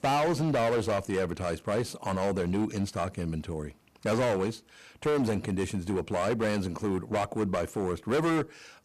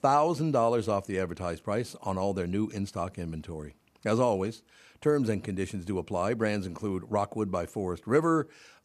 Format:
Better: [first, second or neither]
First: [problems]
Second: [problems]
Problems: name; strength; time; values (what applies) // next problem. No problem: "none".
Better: second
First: distortion; heavy; 14% of the sound clipped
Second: none